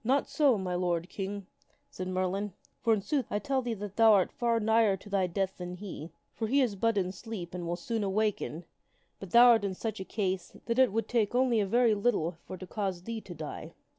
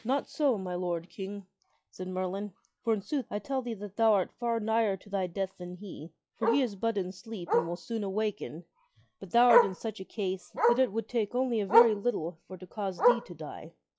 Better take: first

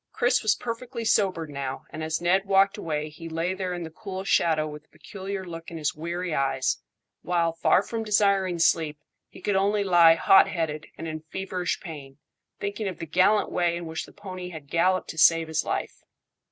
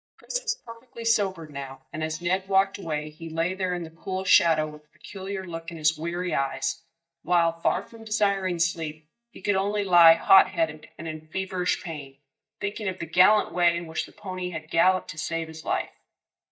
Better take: first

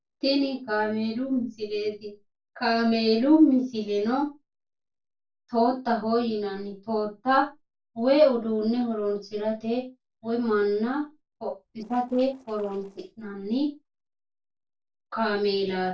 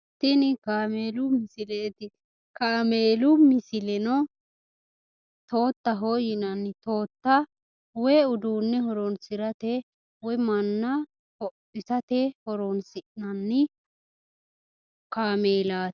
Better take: second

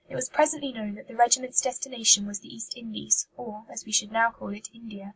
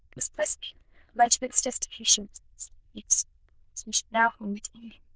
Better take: first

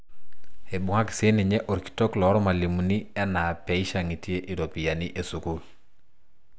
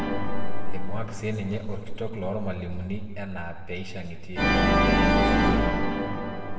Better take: first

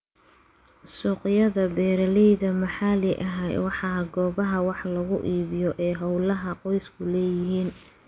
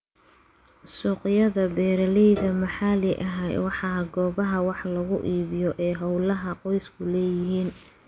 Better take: first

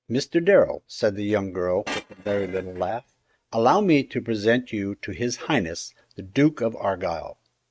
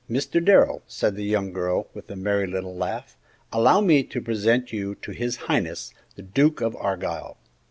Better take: second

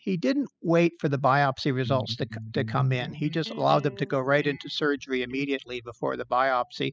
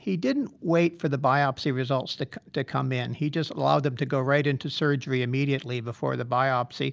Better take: second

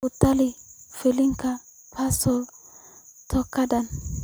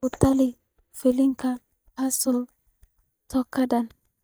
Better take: first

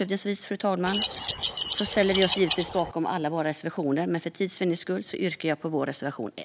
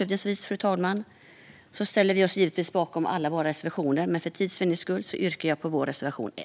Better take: second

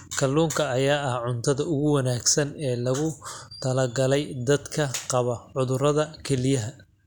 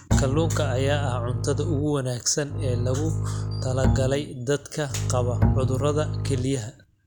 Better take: first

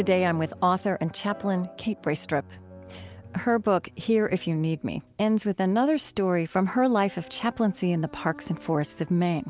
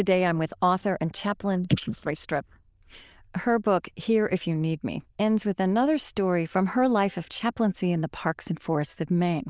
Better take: first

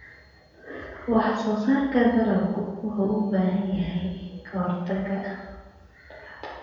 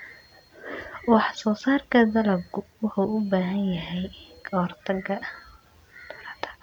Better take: second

